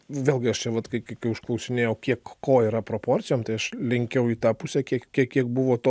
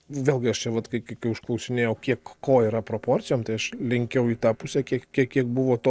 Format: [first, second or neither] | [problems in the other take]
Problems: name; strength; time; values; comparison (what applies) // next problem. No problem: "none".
first | noise reduction (neural separator model SepFormer DNS4)